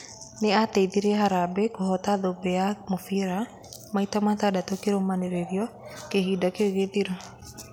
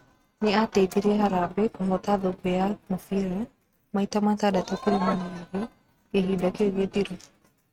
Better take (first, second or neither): first